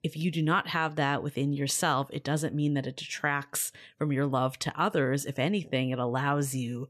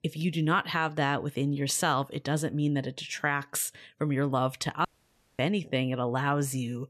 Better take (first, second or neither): first